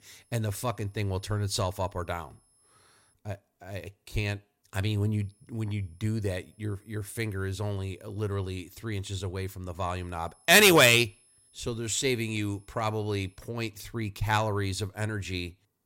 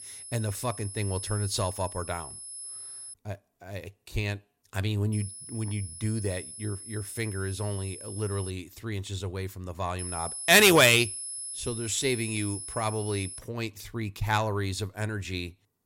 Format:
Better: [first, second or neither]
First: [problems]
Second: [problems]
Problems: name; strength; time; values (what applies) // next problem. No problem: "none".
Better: first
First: high-pitched whine; faint; until 3 s, from 5 to 8.5 s and from 10 to 13 s; 10.5 kHz, 35 dB below the speech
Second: high-pitched whine; loud; until 3 s, from 5 to 8.5 s and from 10 to 13 s; 10.5 kHz, 9 dB below the speech